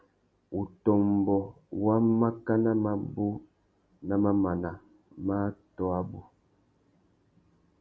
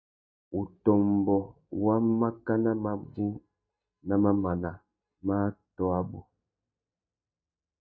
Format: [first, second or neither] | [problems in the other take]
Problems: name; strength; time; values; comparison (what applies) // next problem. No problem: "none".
first | noise reduction (neural mask model DeepFilterNet 3)